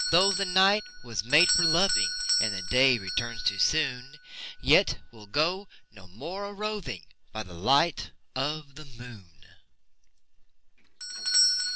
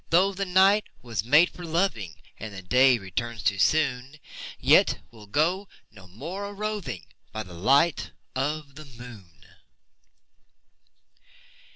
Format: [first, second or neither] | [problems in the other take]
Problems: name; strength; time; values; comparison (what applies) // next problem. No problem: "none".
second | background sound (Doorbell); 3 dB below the speech